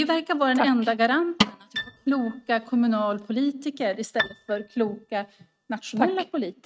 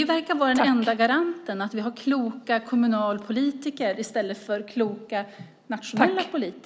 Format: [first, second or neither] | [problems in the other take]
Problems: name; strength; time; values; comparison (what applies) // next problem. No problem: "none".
second | noise reduction (neural mask model RNNoise)